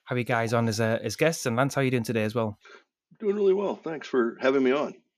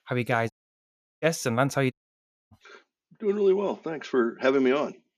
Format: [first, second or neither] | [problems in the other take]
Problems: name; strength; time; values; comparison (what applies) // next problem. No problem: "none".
first | audio cutting out; at 0.5 s for 0.5 s and at 2 s for 0.5 s